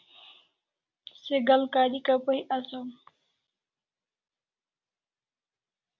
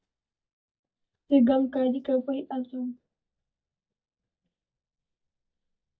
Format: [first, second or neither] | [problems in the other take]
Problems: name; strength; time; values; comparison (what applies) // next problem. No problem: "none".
first | noise reduction (neural mask model DeepFilterNet 3)